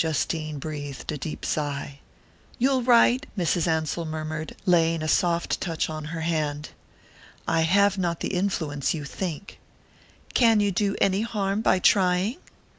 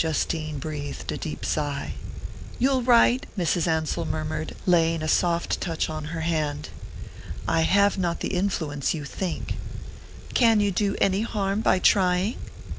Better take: first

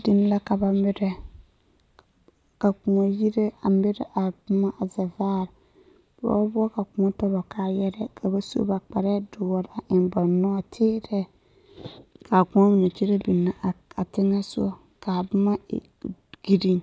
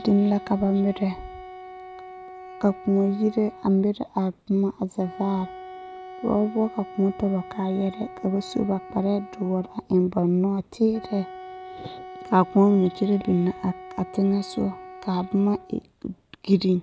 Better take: first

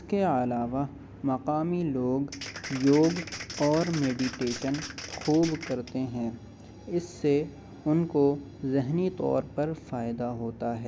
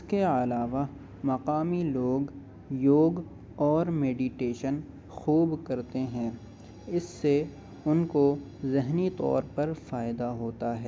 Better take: second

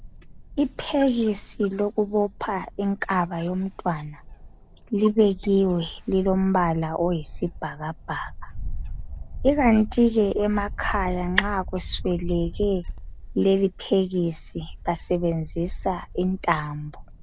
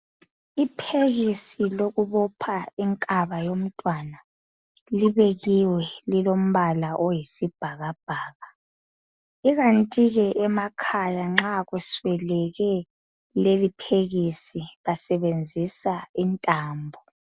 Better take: second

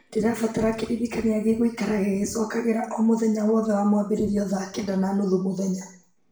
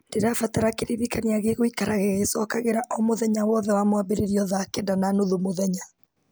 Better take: second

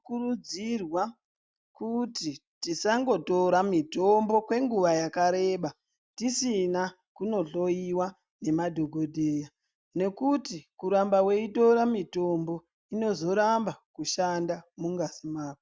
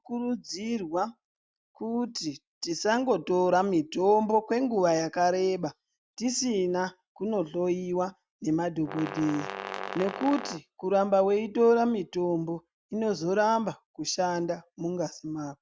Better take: first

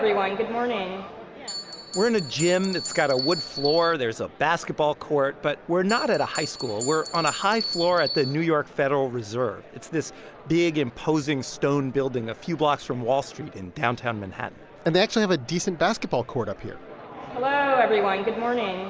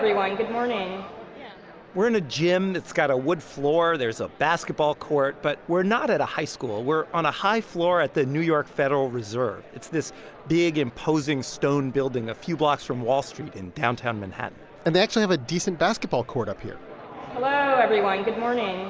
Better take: second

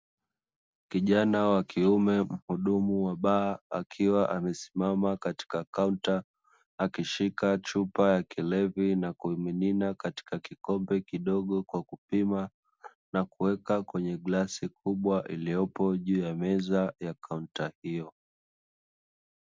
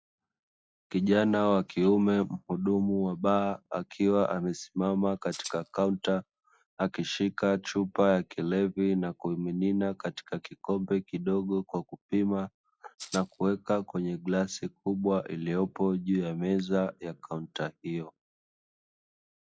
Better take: first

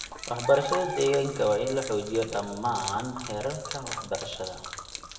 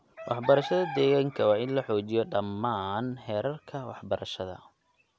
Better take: second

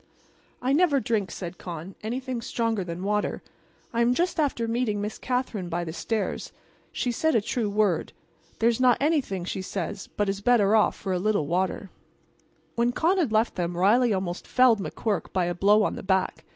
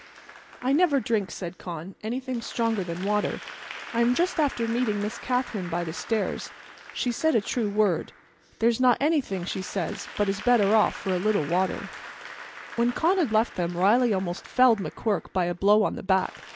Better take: first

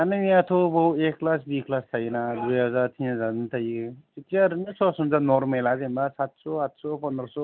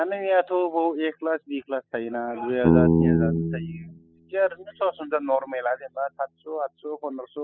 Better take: first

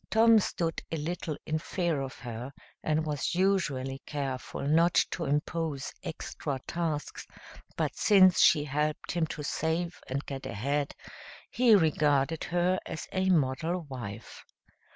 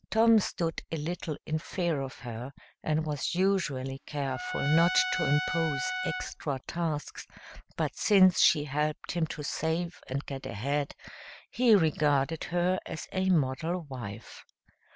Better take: first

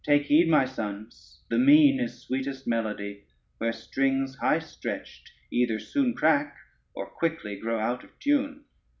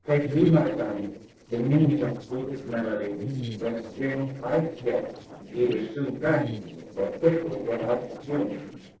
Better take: first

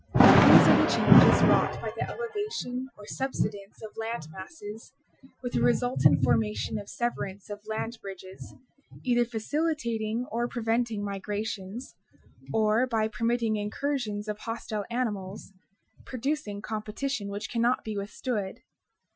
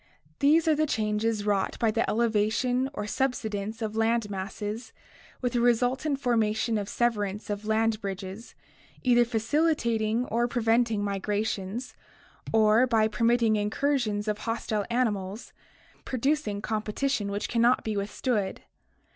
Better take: second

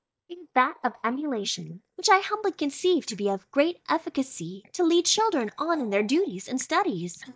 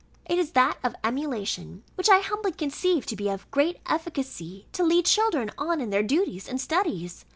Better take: second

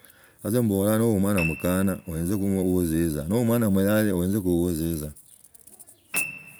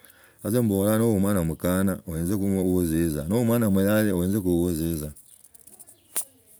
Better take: second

